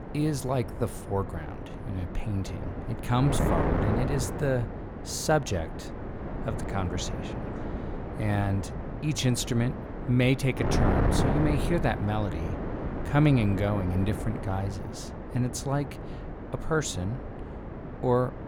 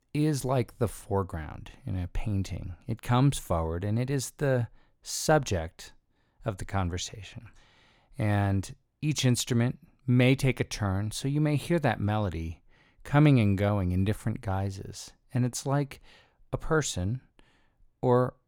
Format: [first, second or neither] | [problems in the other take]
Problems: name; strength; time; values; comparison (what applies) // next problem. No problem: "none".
second | wind noise on the microphone; heavy; 5 dB below the speech